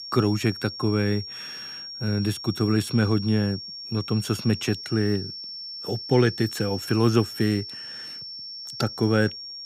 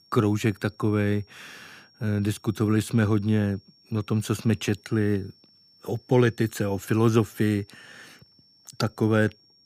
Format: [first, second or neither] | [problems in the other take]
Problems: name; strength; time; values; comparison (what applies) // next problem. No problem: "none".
second | high-pitched whine; loud; throughout; 5.5 kHz, 9 dB below the speech; faint in the second